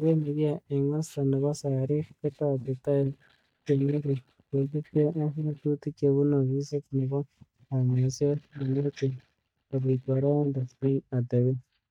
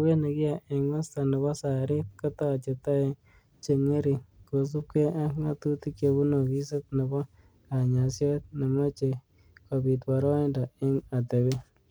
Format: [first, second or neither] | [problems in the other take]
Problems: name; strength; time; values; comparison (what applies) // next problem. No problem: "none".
second | noise reduction (neural mask model DeepFilterNet 3)